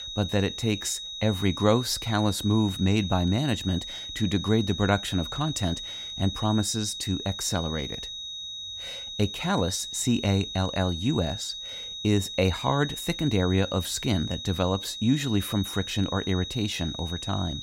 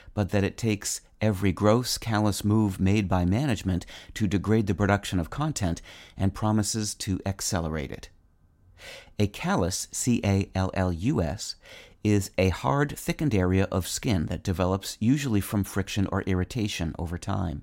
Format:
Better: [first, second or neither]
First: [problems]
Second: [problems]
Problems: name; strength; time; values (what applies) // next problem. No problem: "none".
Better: second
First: high-pitched whine; loud; throughout; 4 kHz, 7 dB below the speech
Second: none